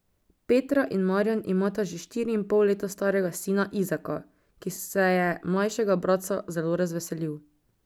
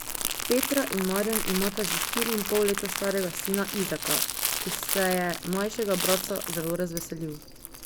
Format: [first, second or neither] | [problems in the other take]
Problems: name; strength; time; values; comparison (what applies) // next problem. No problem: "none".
first | background sound (Crumpling, crinkling); 2 dB below the speech